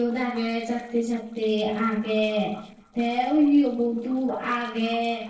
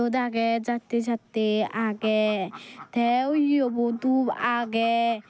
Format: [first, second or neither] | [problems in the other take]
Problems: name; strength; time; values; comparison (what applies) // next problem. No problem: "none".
second | noise reduction (neural separator model SepFormer DNS4)